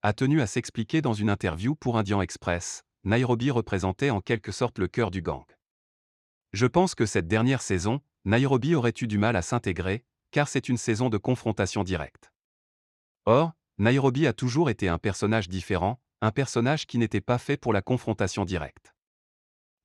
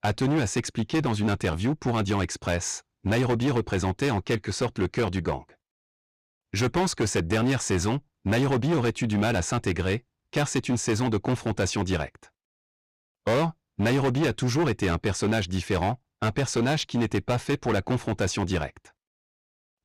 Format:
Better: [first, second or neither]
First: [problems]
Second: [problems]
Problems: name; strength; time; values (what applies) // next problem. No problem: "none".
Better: first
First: none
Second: distortion; heavy; 15% of the sound clipped